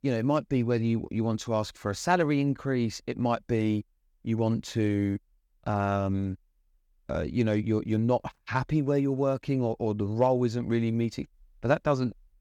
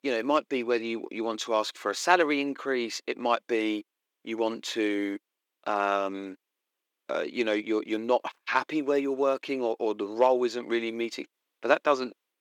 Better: first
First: none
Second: thin; somewhat; fading below 350 Hz

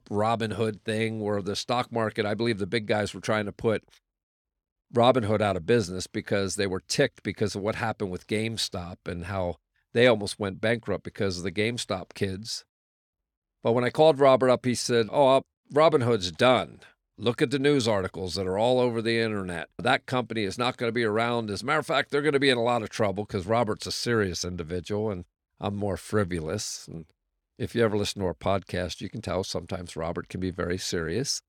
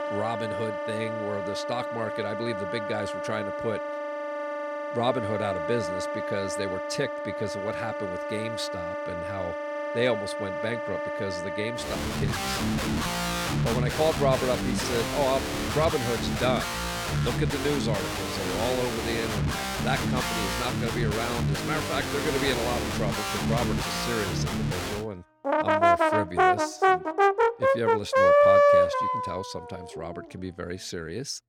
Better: first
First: none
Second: background music; very loud; throughout; 4 dB above the speech

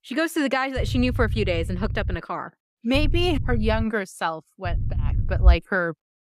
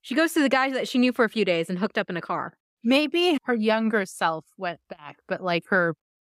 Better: second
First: low rumble; noticeable; from 1 to 2 s, at 3 s and at 4.5 s; 20 dB below the speech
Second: none

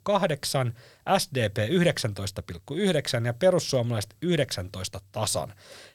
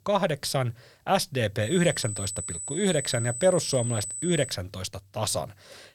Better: first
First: none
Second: high-pitched whine; loud; from 1.5 to 4.5 s; 8 kHz, 6 dB below the speech

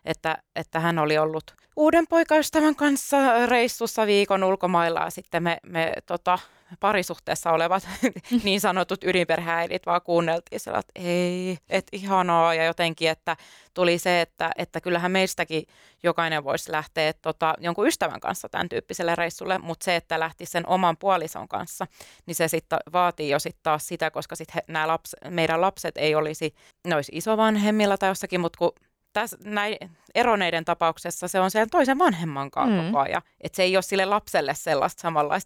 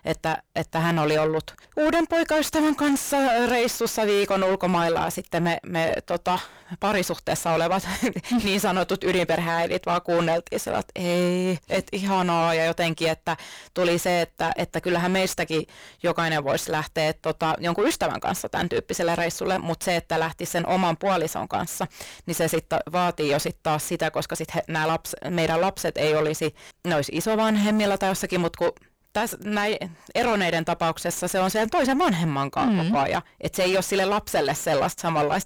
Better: first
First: none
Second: distortion; heavy; 6 dB below the speech

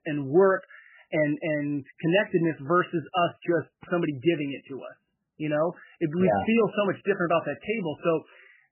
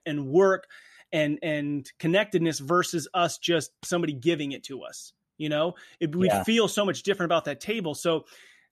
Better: second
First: garbled, watery; badly; nothing above 3 kHz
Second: none

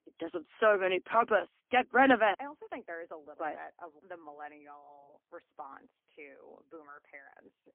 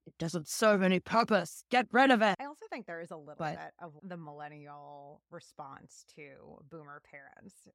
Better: second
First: phone-call audio; poor line; nothing above 3 kHz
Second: none

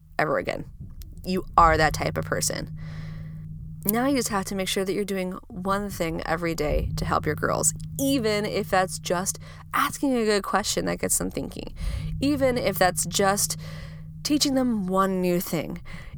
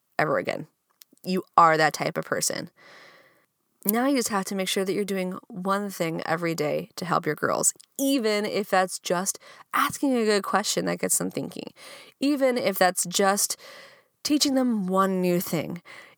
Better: second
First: low rumble; faint; throughout; 25 dB below the speech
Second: none

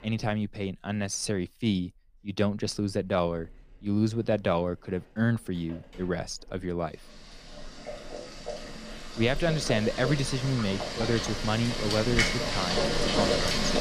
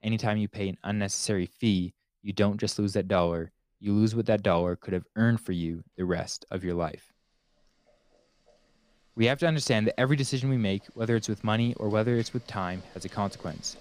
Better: second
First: household noises; loud; throughout; 1 dB below the speech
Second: household noises; faint; throughout; 30 dB below the speech

